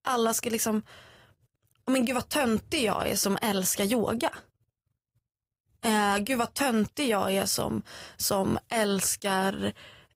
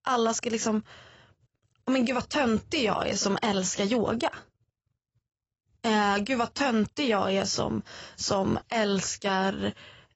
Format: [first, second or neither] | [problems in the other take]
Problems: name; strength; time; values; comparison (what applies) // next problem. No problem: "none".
first | garbled, watery; badly; nothing above 7.5 kHz; slightly in the first